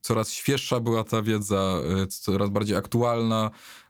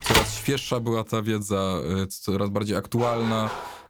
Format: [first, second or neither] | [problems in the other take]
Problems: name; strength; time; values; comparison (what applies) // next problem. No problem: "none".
first | phone ringing; loud; at the start; peak 5 dB above the speech // dog barking; noticeable; at 3 s; peak 7 dB below the speech